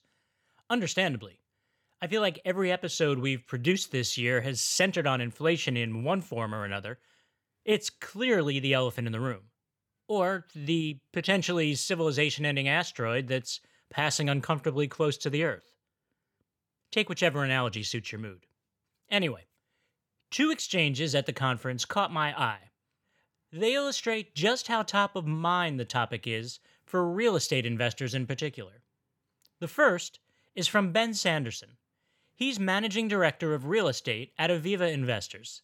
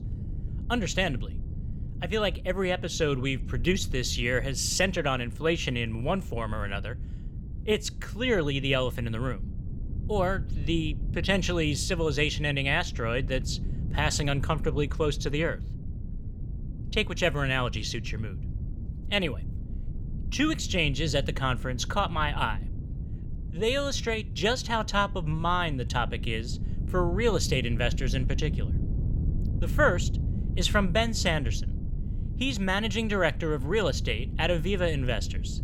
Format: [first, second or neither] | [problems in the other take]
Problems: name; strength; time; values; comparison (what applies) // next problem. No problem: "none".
first | wind noise on the microphone; occasional gusts; 20 dB below the speech